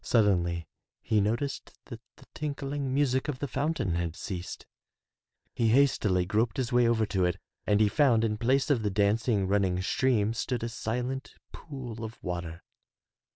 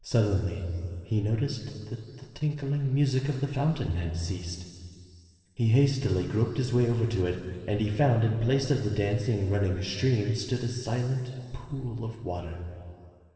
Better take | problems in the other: first | room echo; dies away in 2.5 s

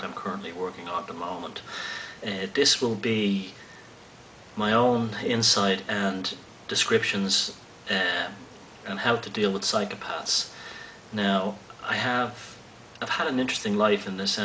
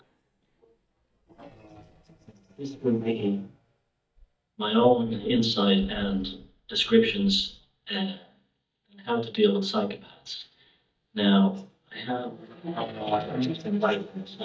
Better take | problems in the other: first | noise reduction (neural mask model DeepFilterNet 3)

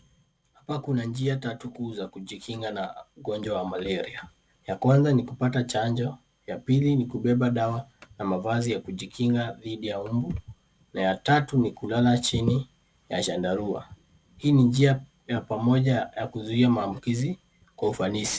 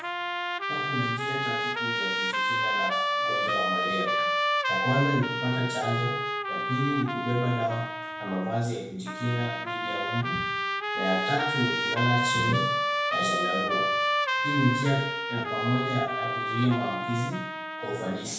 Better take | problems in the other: first | background sound (Trumpet); 1 dB above the speech // room echo; dies away in 0.7 s

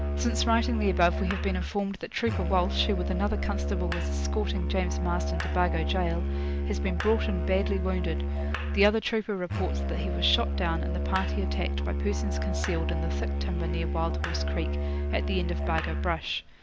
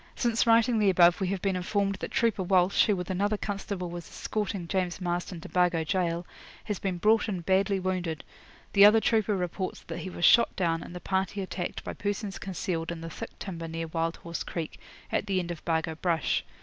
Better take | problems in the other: second | background sound (Musical instrument); 2 dB above the speech

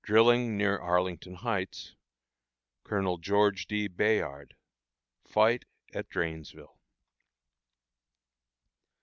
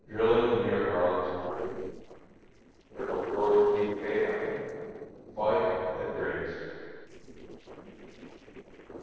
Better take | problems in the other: first | noise reduction (neural separator model SepFormer DNS4)

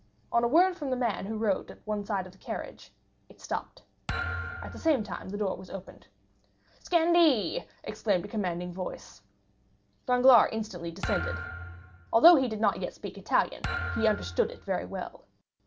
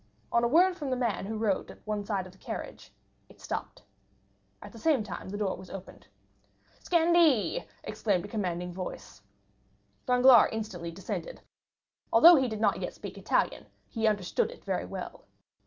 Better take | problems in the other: second | background sound (Thump, thud); 8 dB below the speech

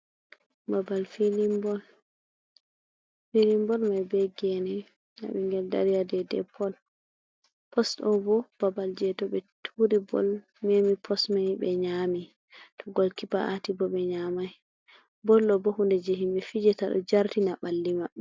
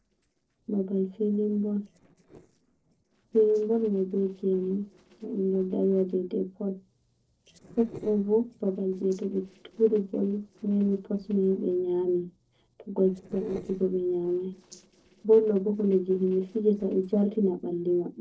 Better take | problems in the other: first | noise reduction (neural separator model SepFormer DNS4)

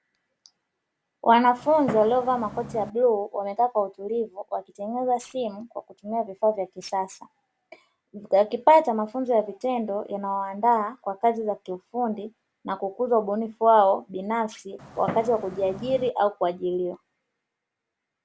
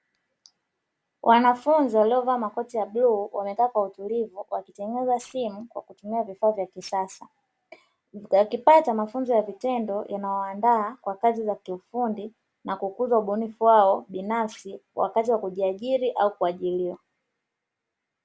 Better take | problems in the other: second | background sound (Fireworks); 11 dB below the speech

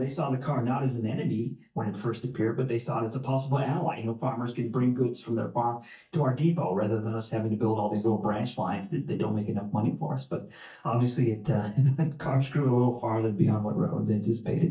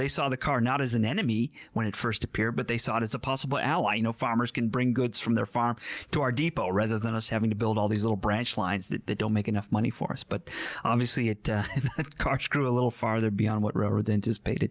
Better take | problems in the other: second | noise reduction (neural mask model DeepFilterNet 3)

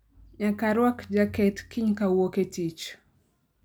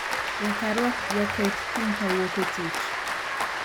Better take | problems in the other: first | background sound (Applause); 1 dB above the speech

